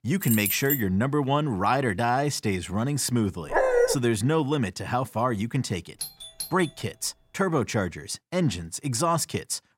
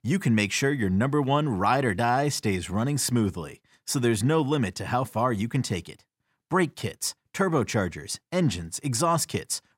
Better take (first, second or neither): second